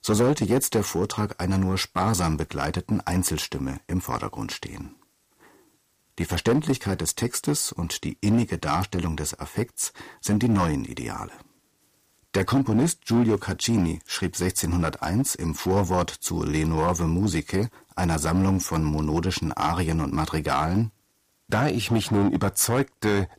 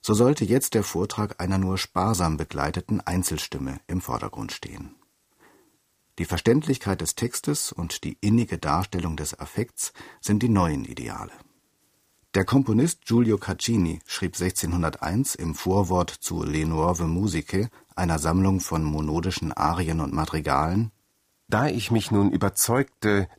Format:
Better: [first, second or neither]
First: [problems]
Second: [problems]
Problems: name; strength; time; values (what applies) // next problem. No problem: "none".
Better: second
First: distortion; slight; 4% of the sound clipped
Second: none